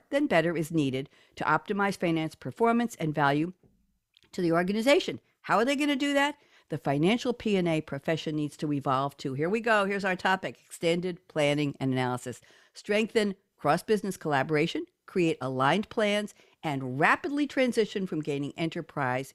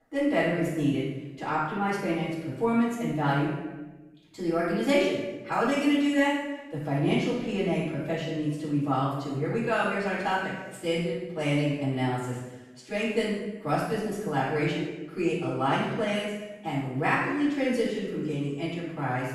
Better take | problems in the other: first | off-mic speech; far // room echo; strong; dies away in 1 s

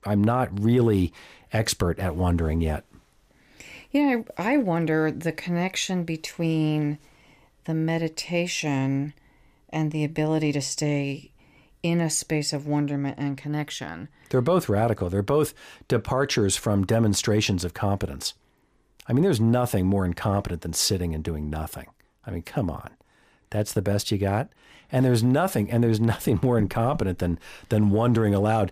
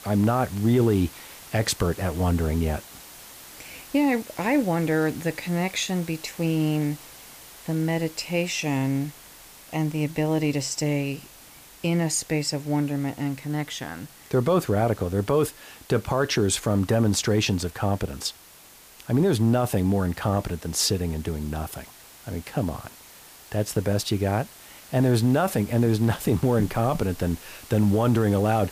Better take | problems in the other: first | hiss; noticeable; throughout; 20 dB below the speech

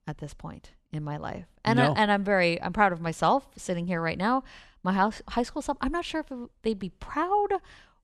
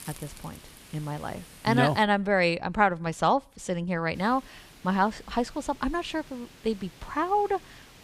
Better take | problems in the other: first | hiss; faint; until 2 s and from 4 s on; 20 dB below the speech

